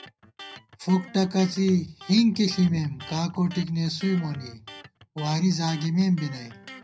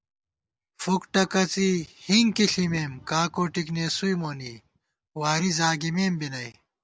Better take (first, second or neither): second